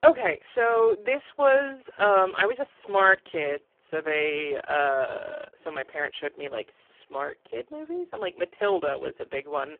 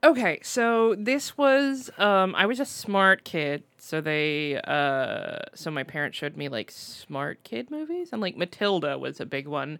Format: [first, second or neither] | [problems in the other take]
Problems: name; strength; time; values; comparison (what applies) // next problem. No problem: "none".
second | phone-call audio; poor line